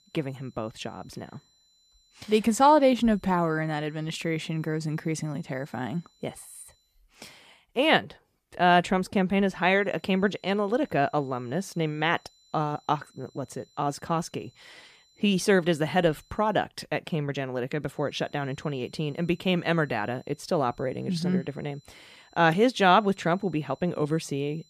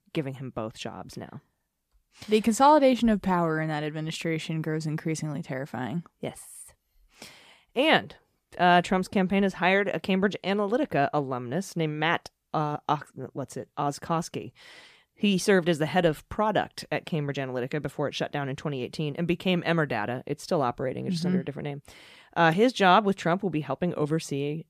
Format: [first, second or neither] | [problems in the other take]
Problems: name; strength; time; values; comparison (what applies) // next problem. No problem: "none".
second | high-pitched whine; faint; until 7 s, from 9.5 to 17 s and from 18 s on; 4 kHz, 35 dB below the speech